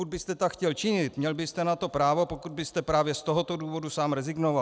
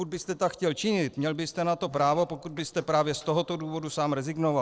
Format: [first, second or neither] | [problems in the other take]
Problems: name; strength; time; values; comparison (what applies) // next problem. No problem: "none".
first | noise reduction (neural separator model SepFormer DNS4)